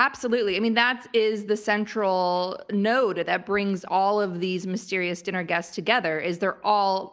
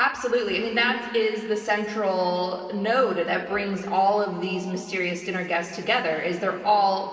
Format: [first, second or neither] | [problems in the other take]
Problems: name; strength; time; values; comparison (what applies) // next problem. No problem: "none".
first | room echo; dies away in 2.4 s